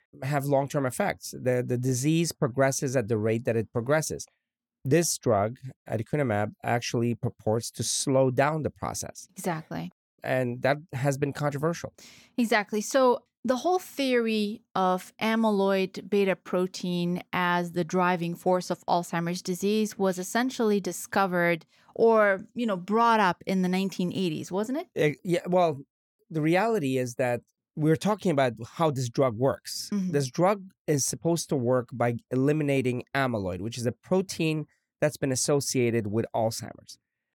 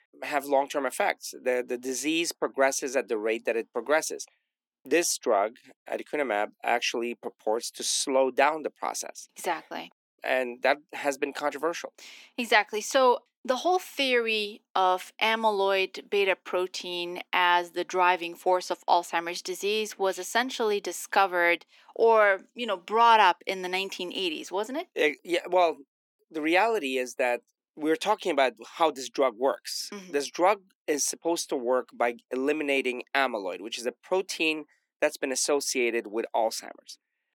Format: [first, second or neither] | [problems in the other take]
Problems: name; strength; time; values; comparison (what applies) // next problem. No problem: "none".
first | thin; somewhat; fading below 300 Hz